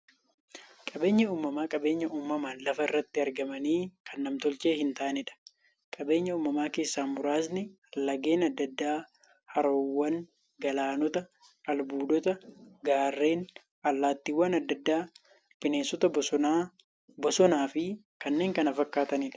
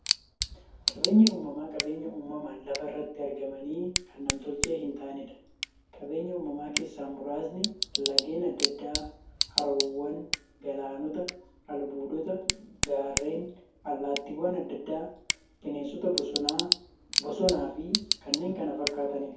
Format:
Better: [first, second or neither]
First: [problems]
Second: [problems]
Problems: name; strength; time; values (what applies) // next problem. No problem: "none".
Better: first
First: none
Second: background sound (Tick / Bicycle); 2 dB below the speech // room echo; dies away in 0.6 s